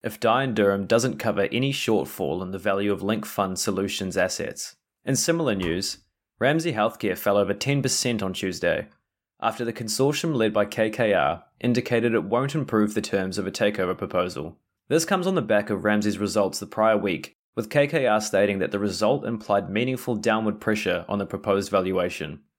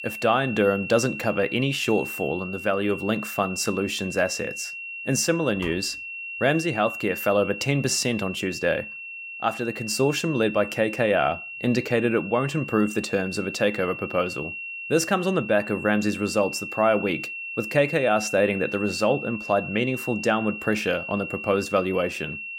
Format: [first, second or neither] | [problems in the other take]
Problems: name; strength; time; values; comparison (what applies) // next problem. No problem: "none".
first | high-pitched whine; loud; throughout; 2.5 kHz, 9 dB below the speech